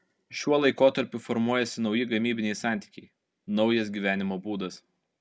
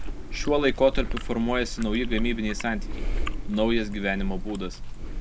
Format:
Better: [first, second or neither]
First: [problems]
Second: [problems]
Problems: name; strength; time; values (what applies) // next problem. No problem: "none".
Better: first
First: none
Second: background sound (Chewing, mastication); 1 dB below the speech